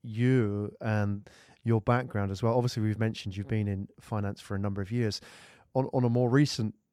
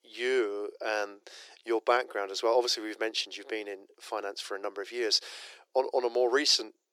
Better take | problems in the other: first | thin; very; fading below 350 Hz

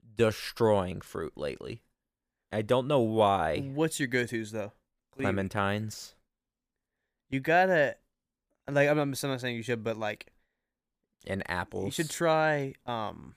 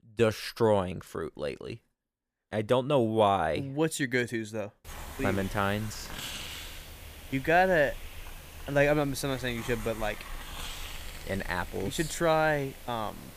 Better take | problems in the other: first | hiss; noticeable; from 5 s on; 15 dB below the speech

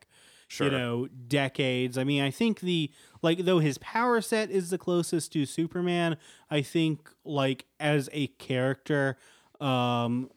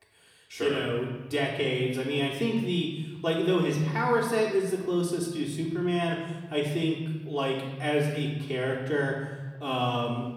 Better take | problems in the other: first | off-mic speech; far // room echo; noticeable; dies away in 1.2 s

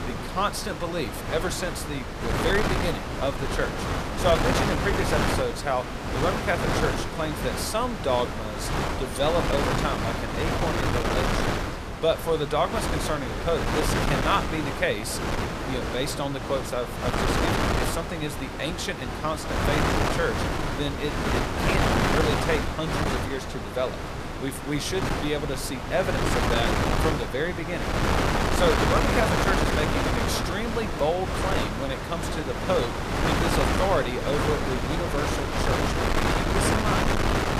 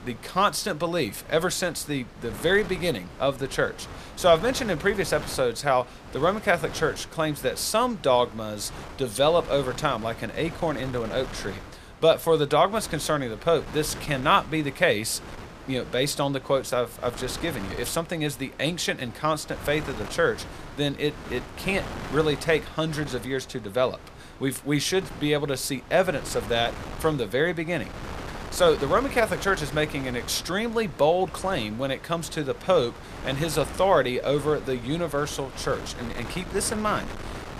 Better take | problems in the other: second | wind noise on the microphone; heavy; 1 dB above the speech; occasional gusts in the second

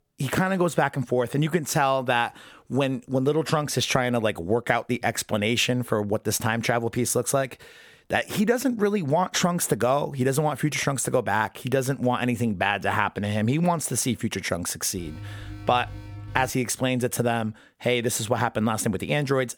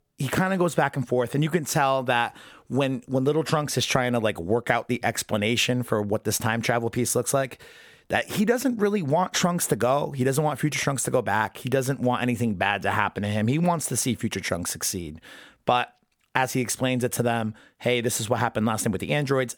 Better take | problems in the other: second | alarm; faint; from 15 to 17 s; peak 15 dB below the speech

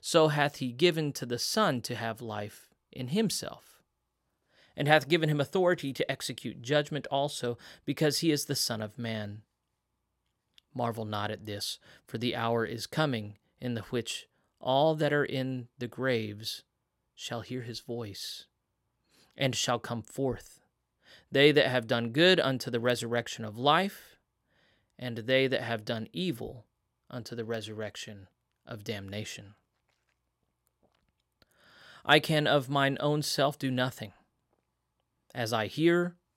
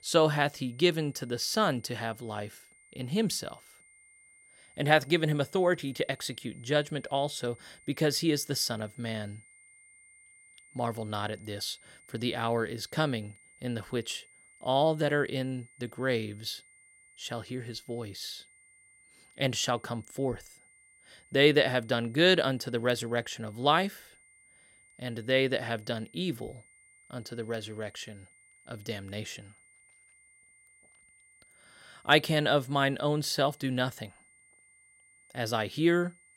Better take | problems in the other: first | high-pitched whine; faint; throughout; 2 kHz, 25 dB below the speech

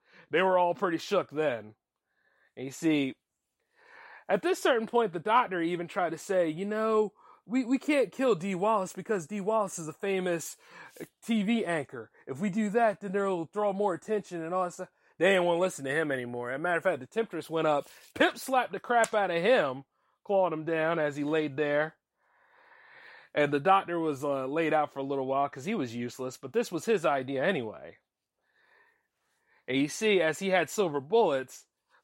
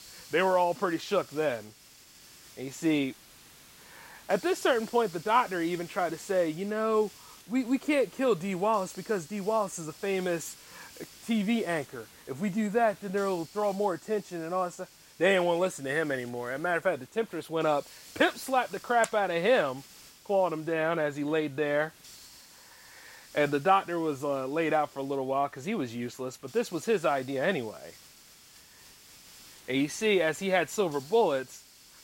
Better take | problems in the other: first | hiss; faint; throughout; 20 dB below the speech

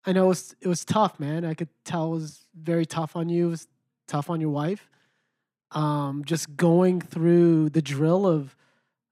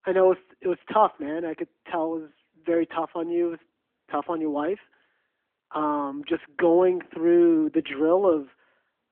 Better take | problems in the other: first | phone-call audio; nothing above 3.5 kHz

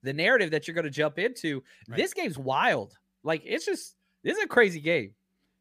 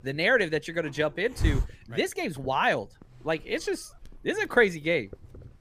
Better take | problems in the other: first | hiss; loud; throughout; 6 dB below the speech

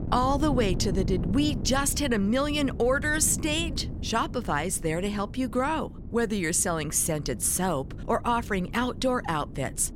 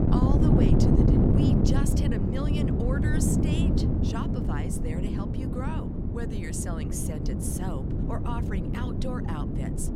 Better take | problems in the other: first | wind noise on the microphone; heavy; 4 dB above the speech; occasional gusts in the first

